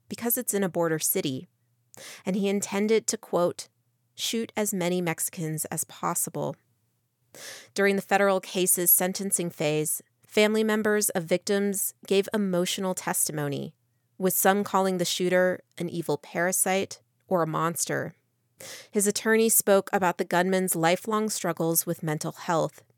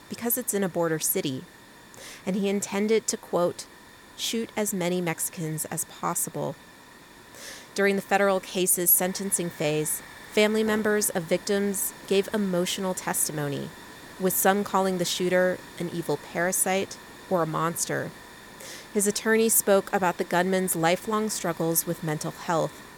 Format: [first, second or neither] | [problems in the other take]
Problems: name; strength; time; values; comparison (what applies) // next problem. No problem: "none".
first | hiss; noticeable; throughout; 20 dB below the speech